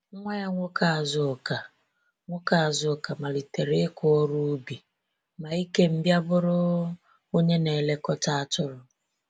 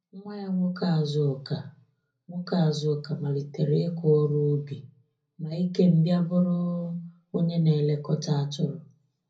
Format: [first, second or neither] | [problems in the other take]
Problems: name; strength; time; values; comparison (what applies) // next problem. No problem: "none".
first | room echo; dies away in 0.4 s